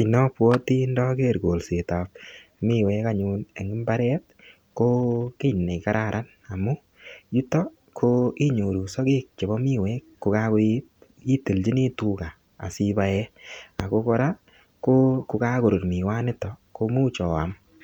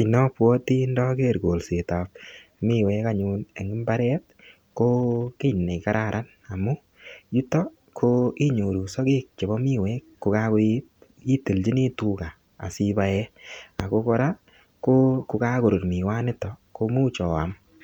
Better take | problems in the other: second | background sound (Clapping); 17 dB below the speech

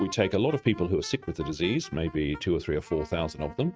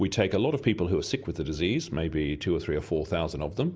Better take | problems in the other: second | noise reduction (neural mask model RNNoise)

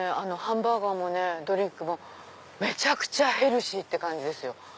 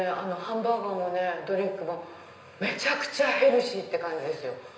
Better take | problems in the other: first | room echo; dies away in 0.9 s

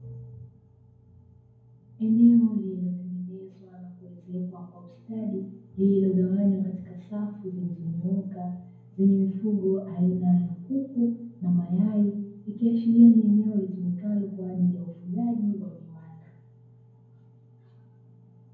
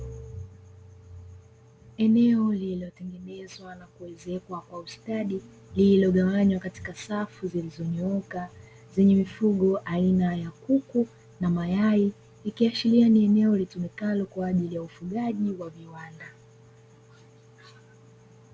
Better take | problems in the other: second | room echo; dies away in 0.9 s

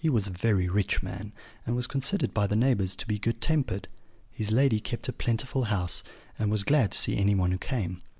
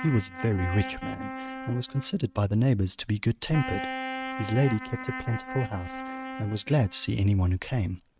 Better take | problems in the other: first | noise reduction (neural mask model RNNoise)

